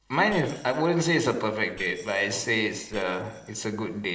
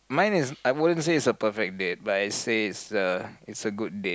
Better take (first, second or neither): second